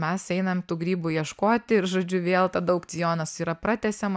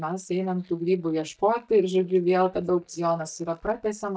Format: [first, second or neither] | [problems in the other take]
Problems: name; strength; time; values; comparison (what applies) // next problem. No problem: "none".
first | noise reduction (neural mask model DeepFilterNet 3)